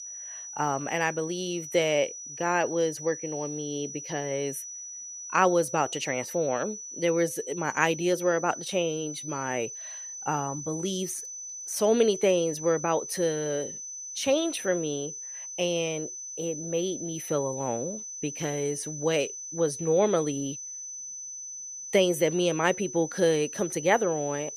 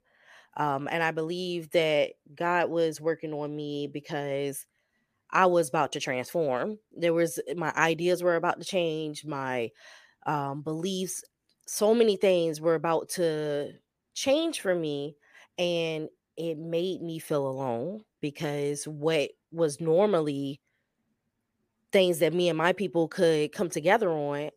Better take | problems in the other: second | high-pitched whine; loud; throughout; 6 kHz, 9 dB below the speech

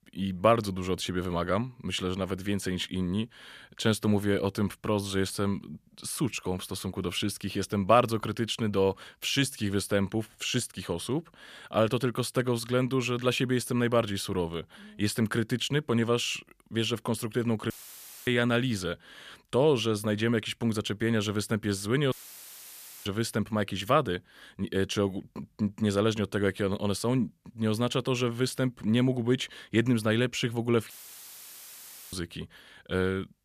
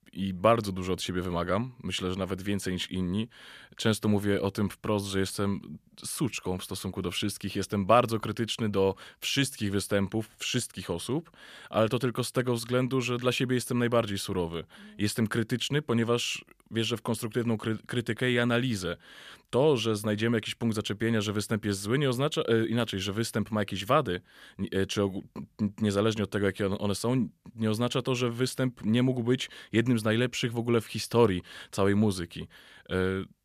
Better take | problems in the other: second | audio cutting out; filled with static; at 18 s for 0.5 s, at 22 s for 1 s and at 31 s for 1 s

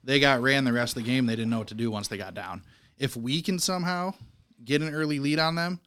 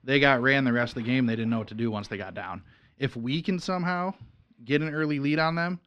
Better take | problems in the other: first | muffled; slightly; fading above 2.5 kHz

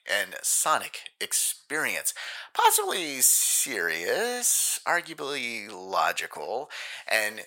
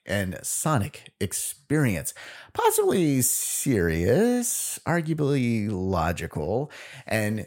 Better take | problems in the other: second | thin; very; fading below 900 Hz

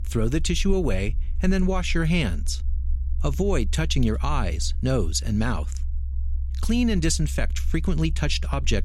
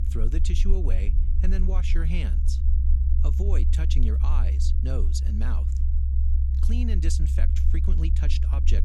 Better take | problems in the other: first | low rumble; loud; throughout; 4 dB below the speech; faint in the first

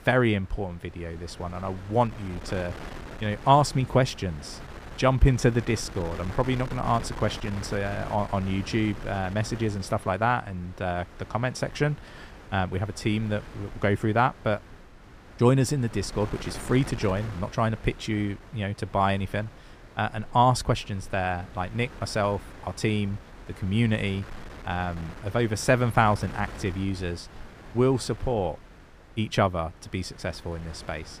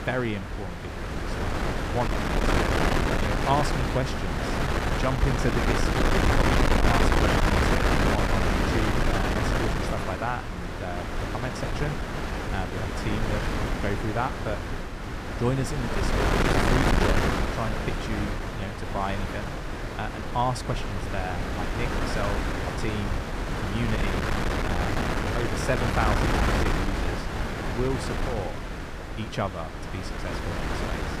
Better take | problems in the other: first | wind noise on the microphone; heavy; 4 dB above the speech; occasional gusts in the first

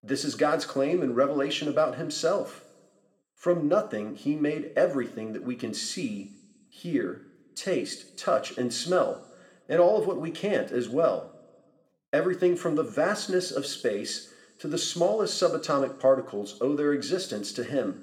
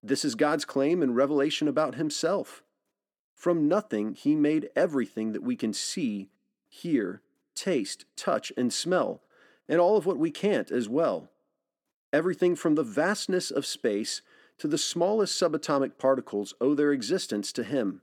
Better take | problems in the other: second | room echo; slight; dies away in 0.8 s

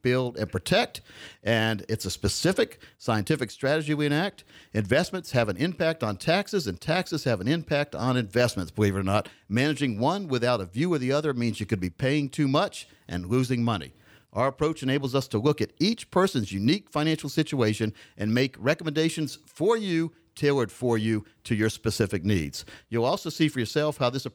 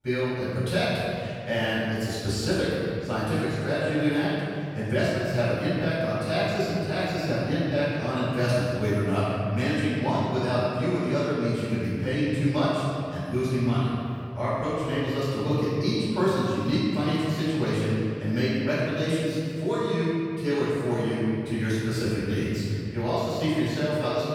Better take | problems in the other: first | off-mic speech; far // room echo; strong; dies away in 2.6 s

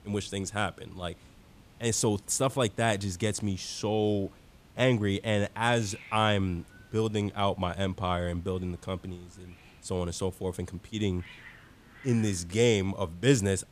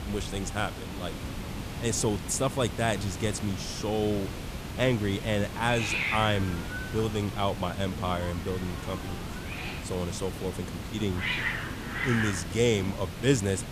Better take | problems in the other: first | hiss; loud; throughout; 5 dB below the speech; faint in the first

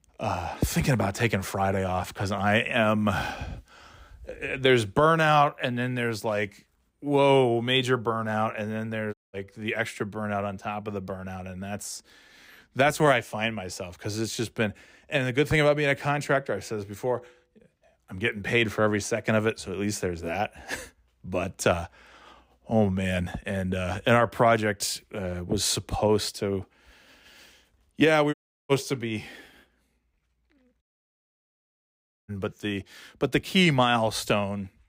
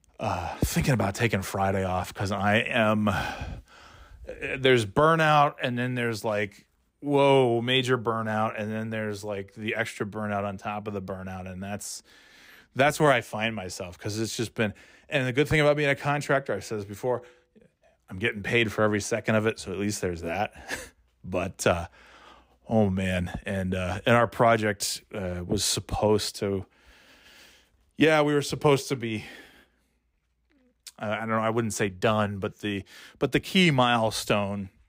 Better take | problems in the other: second | audio cutting out; at 9 s, at 28 s and at 31 s for 1.5 s

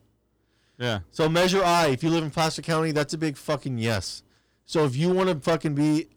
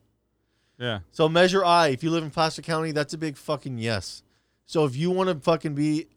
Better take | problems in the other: second | distortion; heavy; 11% of the sound clipped

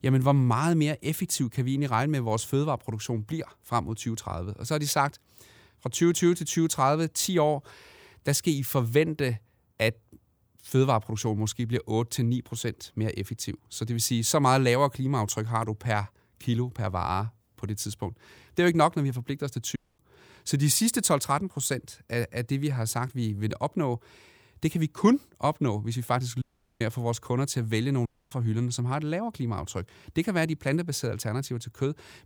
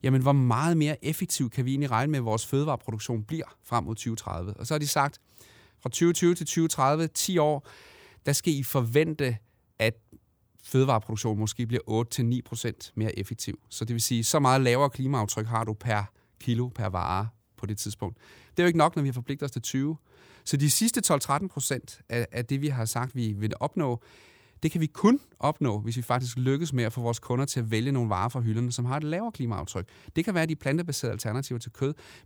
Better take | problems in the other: second | audio cutting out; at 20 s, at 26 s and at 28 s

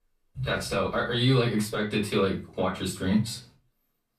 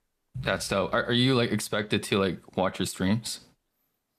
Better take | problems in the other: second | off-mic speech; far // room echo; very slight; dies away in 0.3 s

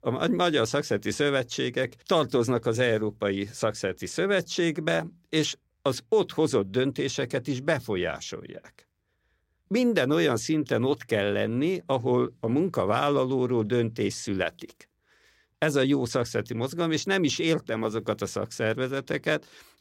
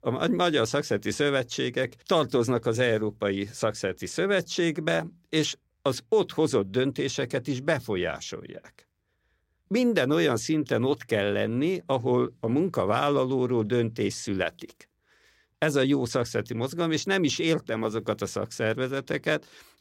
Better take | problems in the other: neither | none

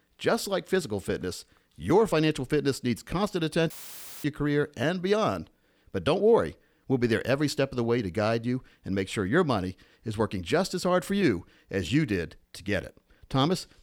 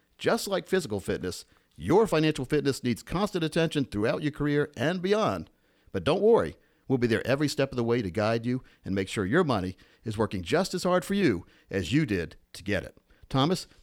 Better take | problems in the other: second | audio cutting out; filled with static; at 3.5 s for 0.5 s

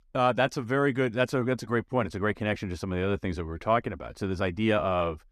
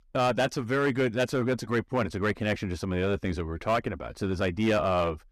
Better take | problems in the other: first | distortion; slight; 6% of the sound clipped

